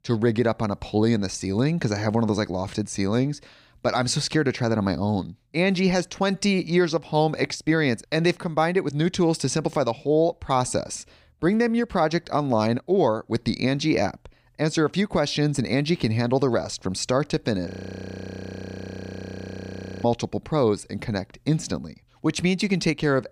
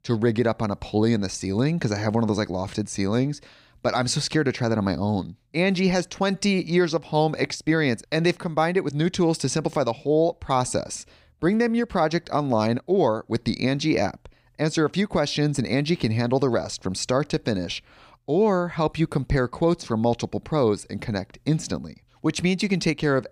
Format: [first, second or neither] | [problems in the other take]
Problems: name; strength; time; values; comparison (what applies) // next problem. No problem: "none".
second | audio freezing; at 18 s for 2.5 s